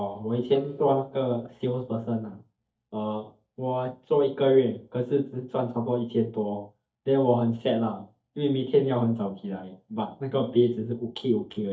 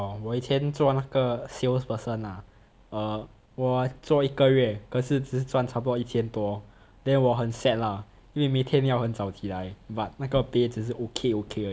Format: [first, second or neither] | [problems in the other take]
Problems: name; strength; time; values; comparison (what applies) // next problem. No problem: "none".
second | noise reduction (neural mask model DeepFilterNet 3)